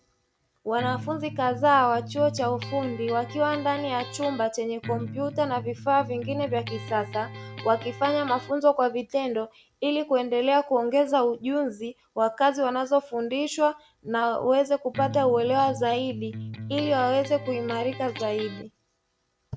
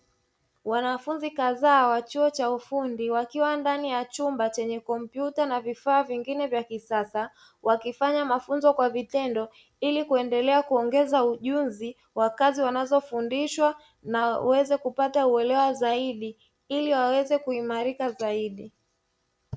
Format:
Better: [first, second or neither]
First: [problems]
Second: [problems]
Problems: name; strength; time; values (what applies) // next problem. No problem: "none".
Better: second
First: background sound (Electric guitar); 11 dB below the speech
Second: none